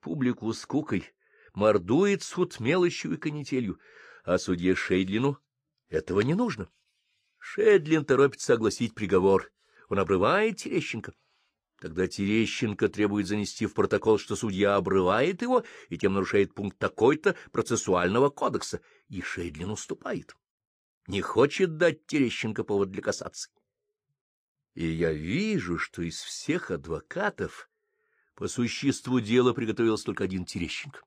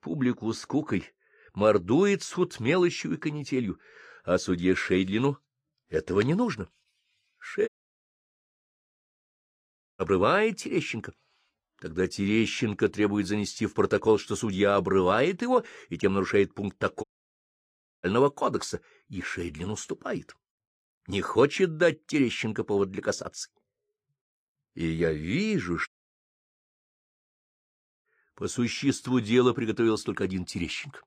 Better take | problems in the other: first | audio cutting out; at 7.5 s for 2.5 s, at 17 s for 1 s and at 26 s for 2 s

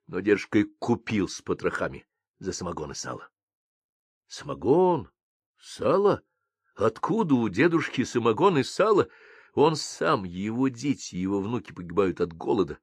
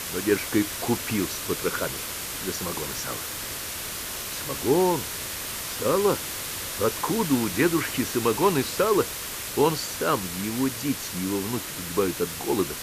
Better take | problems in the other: first | hiss; loud; throughout; 4 dB below the speech

